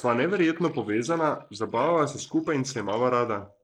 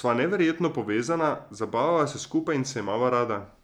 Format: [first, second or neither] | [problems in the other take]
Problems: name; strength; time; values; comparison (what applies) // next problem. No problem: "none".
second | noise reduction (neural mask model Resemble Enhance denoiser)